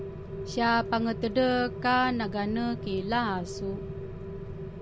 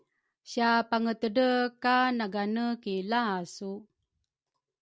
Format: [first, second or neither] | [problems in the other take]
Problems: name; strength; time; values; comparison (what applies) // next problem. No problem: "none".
second | background sound (Rain); 8 dB below the speech